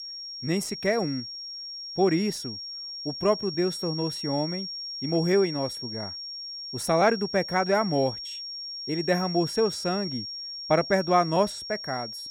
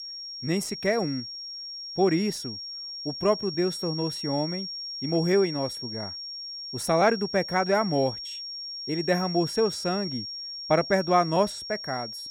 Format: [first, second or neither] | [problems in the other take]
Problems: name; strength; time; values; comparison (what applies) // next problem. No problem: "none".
neither | high-pitched whine; loud; throughout; 5.5 kHz, 7 dB below the speech; the same in both